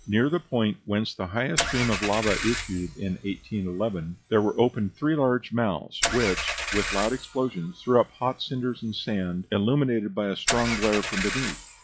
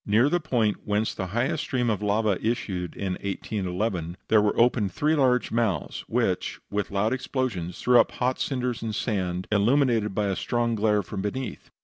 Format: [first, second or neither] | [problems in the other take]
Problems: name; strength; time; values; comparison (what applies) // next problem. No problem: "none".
second | noise reduction (classical method log-MMSE)